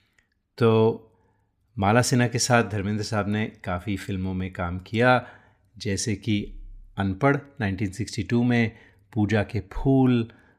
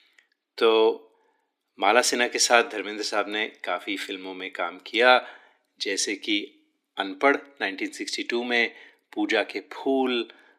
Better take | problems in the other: first | thin; somewhat; fading below 300 Hz

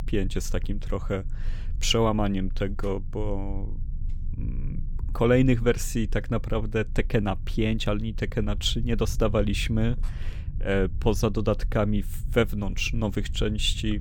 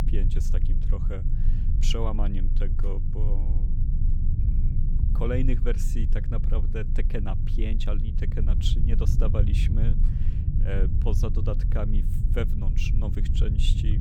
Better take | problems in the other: first | low rumble; loud; throughout; 6 dB below the speech; faint in the first

